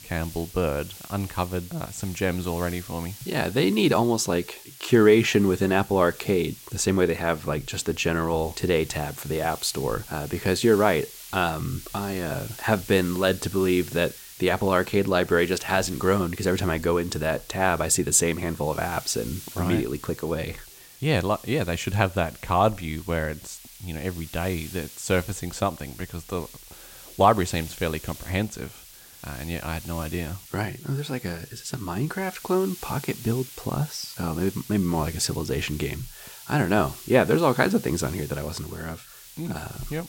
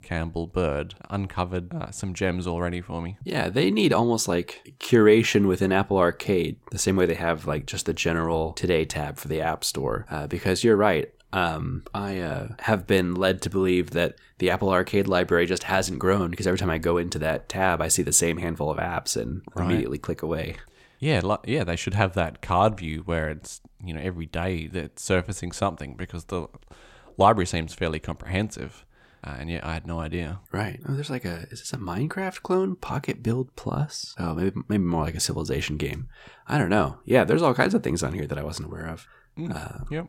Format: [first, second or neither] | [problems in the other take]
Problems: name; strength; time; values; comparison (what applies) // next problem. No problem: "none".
second | hiss; noticeable; throughout; 15 dB below the speech